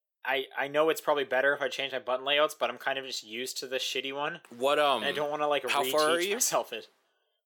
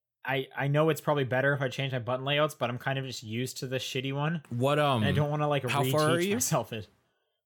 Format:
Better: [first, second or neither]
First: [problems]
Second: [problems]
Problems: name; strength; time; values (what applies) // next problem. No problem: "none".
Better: second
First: thin; very; fading below 350 Hz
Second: none